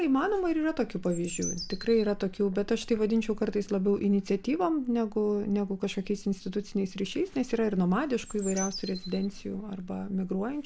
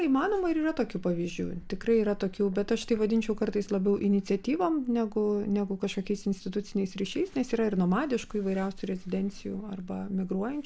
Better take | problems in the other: second | background sound (Bird); 12 dB below the speech

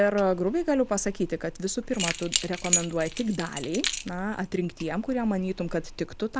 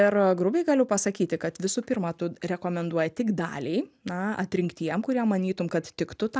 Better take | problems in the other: second | background sound (Keys jangling); 6 dB below the speech

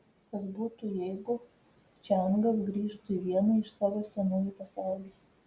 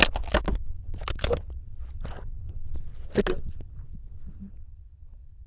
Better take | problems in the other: first | noise reduction (neural diffusion model UNIVERSE++)

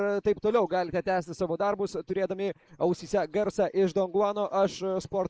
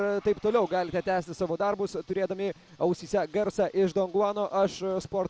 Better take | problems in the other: second | noise reduction (neural mask model Resemble Enhance denoiser)

